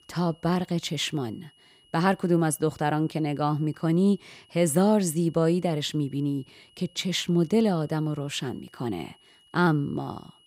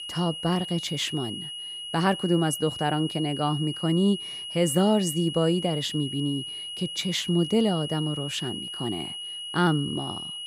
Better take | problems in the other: first | high-pitched whine; loud; throughout; 3 kHz, 7 dB below the speech; faint in the first

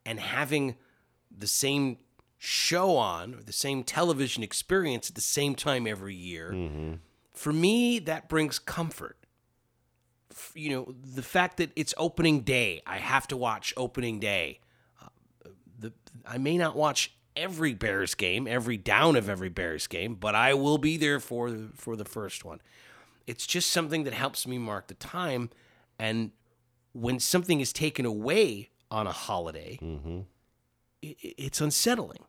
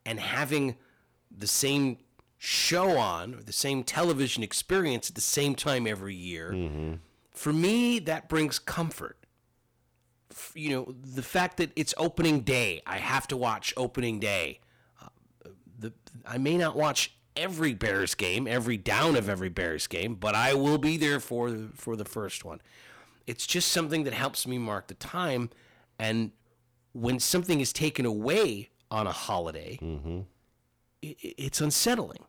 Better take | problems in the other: first | distortion; slight; 4% of the sound clipped

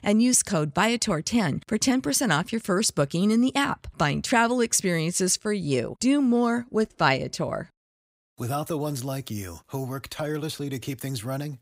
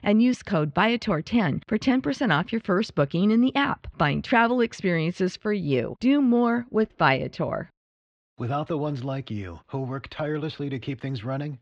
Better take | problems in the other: first | muffled; very; fading above 3.5 kHz

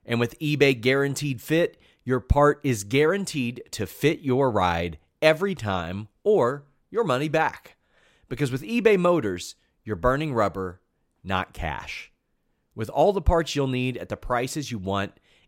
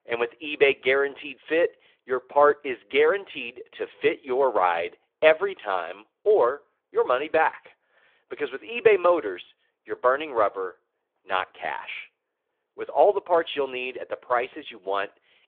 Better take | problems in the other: first | phone-call audio; nothing above 3.5 kHz

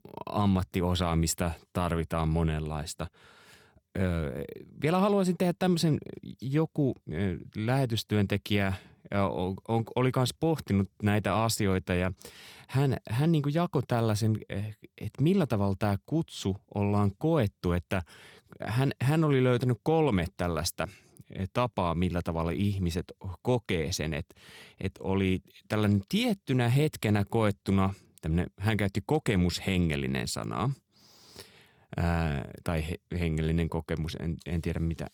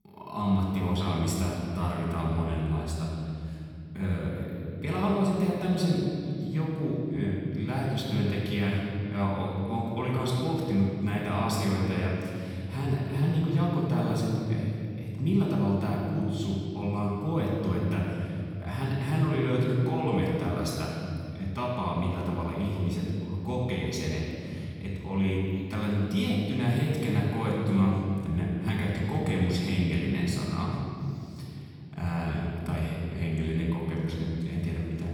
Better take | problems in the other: first | off-mic speech; far // room echo; strong; dies away in 2.9 s

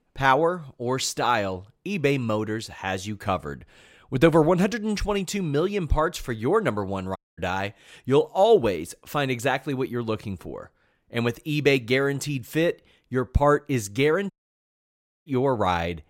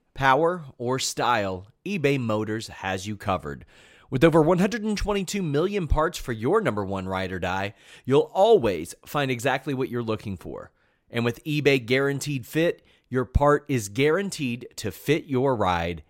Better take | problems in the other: second | audio cutting out; at 7 s and at 14 s for 1 s

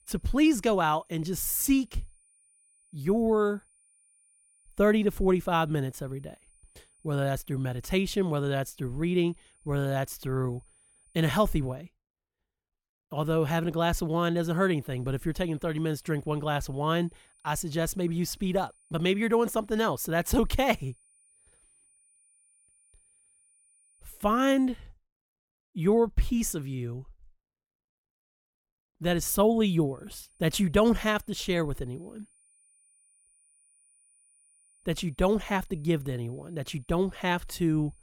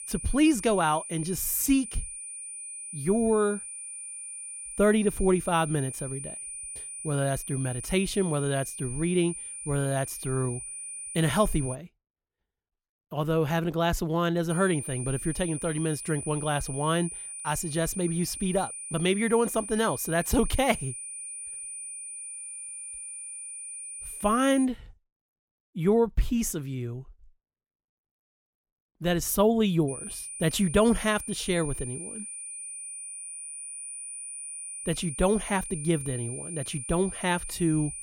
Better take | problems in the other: first | high-pitched whine; loud; until 12 s, from 15 to 25 s and from 30 s on; 9.5 kHz, 9 dB below the speech; faint in the first

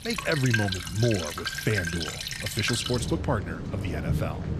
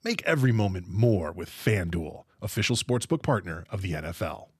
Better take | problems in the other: second | rain or running water; loud; throughout; 2 dB below the speech

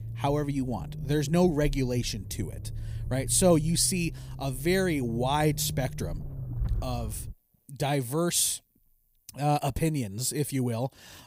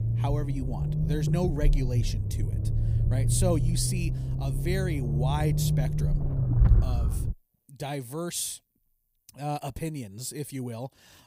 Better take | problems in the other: first | low rumble; loud; until 7.5 s; 4 dB below the speech; faint in the first

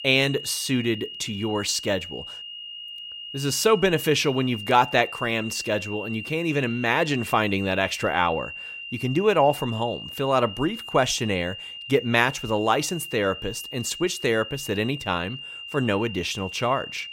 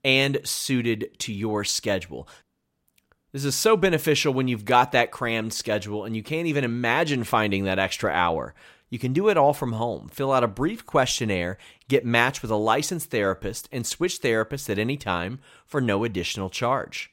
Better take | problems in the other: second | high-pitched whine; noticeable; throughout; 3 kHz, 10 dB below the speech

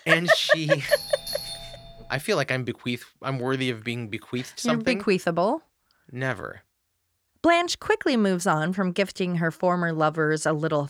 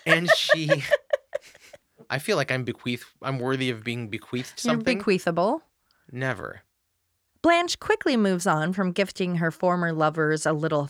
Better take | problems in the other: second | doorbell; noticeable; from 1 to 2 s; peak 7 dB below the speech

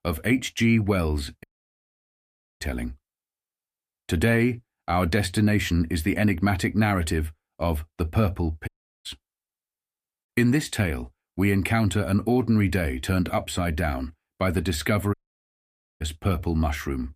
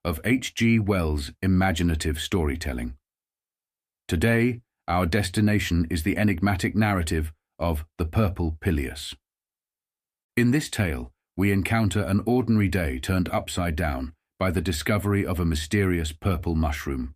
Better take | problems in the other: second | audio cutting out; at 1.5 s for 1 s, at 8.5 s and at 15 s for 1 s

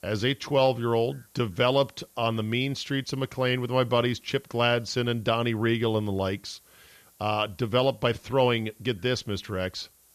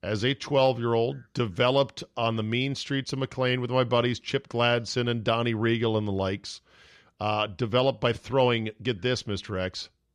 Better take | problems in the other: second | hiss; faint; throughout; 30 dB below the speech

